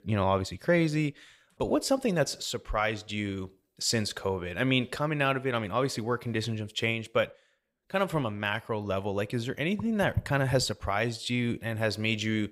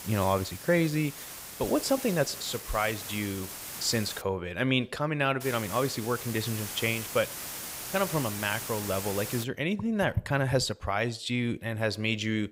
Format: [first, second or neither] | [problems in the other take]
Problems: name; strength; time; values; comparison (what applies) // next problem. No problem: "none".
first | hiss; loud; until 4 s and from 5.5 to 9.5 s; 8 dB below the speech